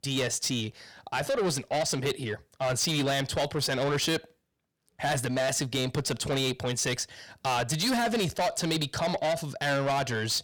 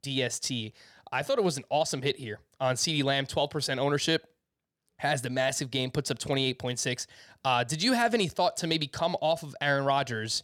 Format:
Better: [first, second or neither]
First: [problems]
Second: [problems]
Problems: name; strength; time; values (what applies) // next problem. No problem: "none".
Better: second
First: distortion; heavy; 7 dB below the speech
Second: none